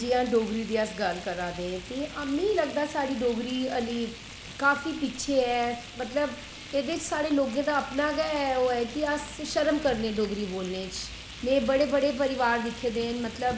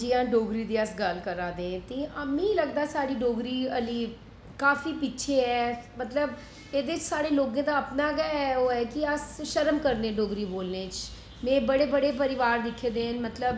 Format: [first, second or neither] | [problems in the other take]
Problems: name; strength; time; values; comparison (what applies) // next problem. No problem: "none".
second | background sound (Frying (food)); 16 dB below the speech